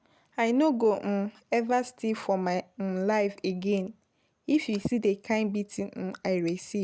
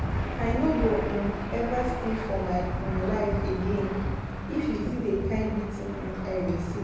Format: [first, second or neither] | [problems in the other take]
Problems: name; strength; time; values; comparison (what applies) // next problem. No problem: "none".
first | background sound (Engine / Aircraft); 2 dB below the speech // room echo; dies away in 1.1 s